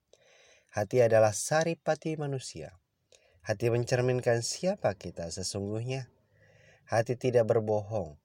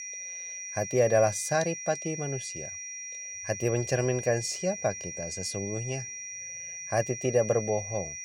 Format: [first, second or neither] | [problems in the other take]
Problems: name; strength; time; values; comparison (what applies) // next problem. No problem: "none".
first | high-pitched whine; loud; throughout; 6 kHz, 7 dB below the speech